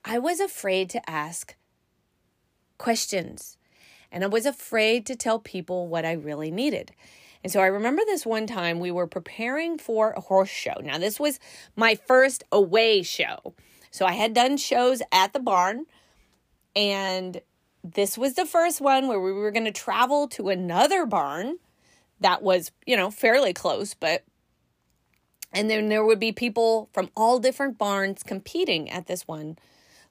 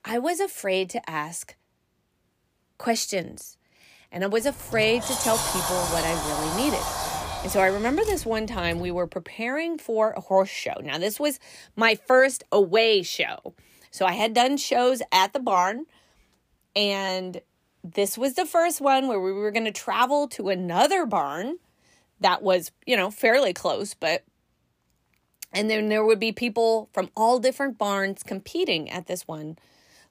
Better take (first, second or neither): first